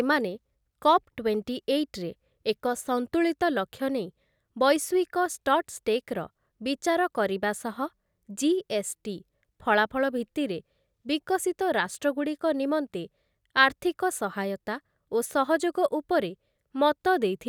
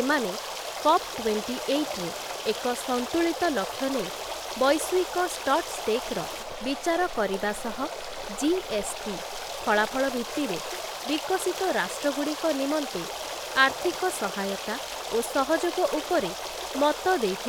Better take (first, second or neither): first